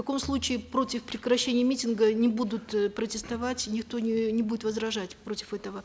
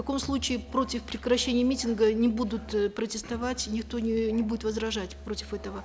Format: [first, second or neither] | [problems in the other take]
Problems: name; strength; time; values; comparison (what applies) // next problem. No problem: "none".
first | background sound (Musical instrument); 16 dB below the speech